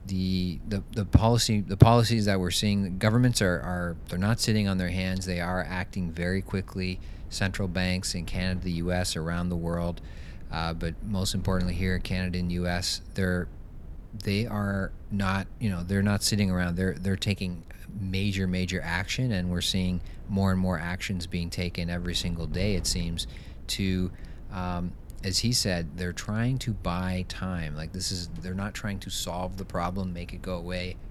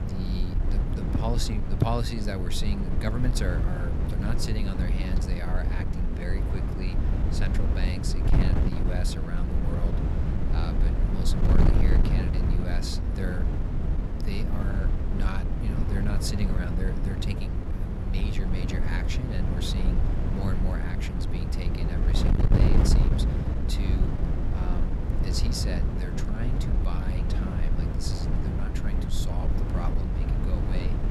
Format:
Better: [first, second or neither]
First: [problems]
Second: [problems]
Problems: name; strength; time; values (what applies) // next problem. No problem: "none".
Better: first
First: wind noise on the microphone; occasional gusts; 25 dB below the speech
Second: wind noise on the microphone; heavy; as loud as the speech